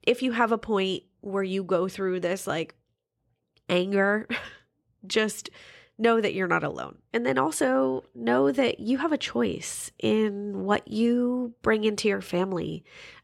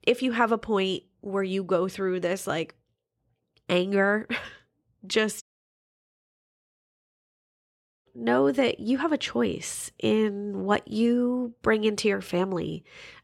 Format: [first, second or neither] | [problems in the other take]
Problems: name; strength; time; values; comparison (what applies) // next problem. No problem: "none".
first | audio cutting out; at 5.5 s for 2.5 s